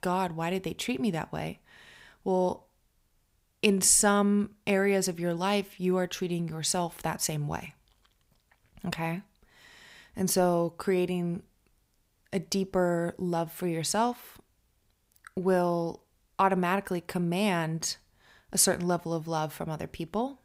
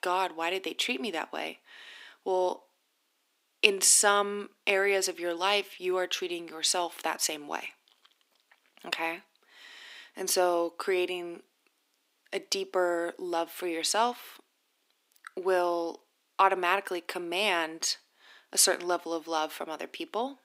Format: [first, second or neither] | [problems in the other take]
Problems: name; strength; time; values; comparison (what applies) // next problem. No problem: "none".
first | thin; very; fading below 300 Hz